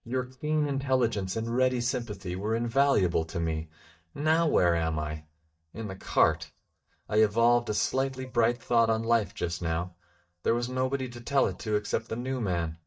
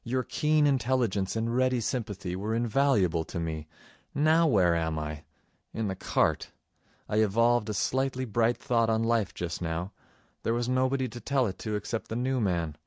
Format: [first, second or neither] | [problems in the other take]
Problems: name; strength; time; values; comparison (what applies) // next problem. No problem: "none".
second | noise reduction (neural mask model DeepFilterNet 3)